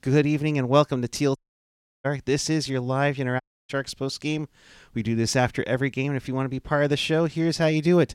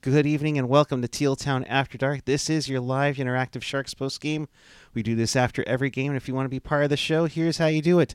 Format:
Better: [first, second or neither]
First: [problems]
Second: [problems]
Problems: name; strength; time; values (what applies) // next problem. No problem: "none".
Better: second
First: audio cutting out; at 1.5 s for 0.5 s and at 3.5 s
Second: none